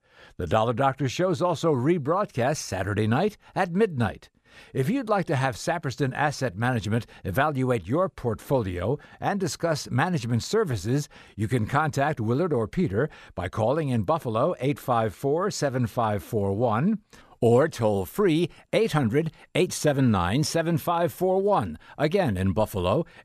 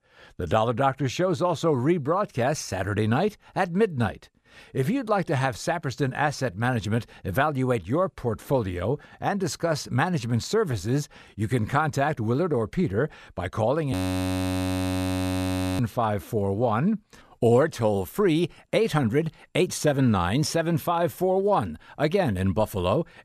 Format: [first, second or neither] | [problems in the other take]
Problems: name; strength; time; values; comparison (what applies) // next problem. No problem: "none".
first | audio freezing; at 14 s for 2 s